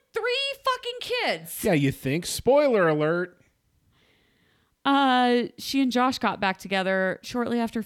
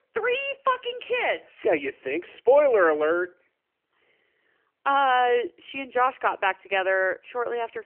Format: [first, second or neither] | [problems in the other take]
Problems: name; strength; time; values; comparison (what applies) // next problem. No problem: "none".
first | phone-call audio; nothing above 3 kHz